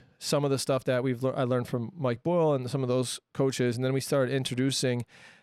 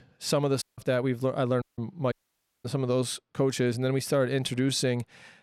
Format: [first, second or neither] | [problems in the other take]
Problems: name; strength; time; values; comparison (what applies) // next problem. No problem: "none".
first | audio cutting out; at 0.5 s, at 1.5 s and at 2 s for 0.5 s